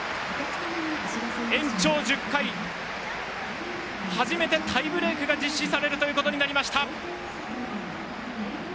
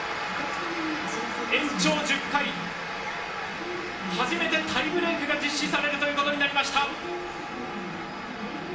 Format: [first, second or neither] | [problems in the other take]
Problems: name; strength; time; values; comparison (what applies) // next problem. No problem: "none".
first | room echo; dies away in 0.8 s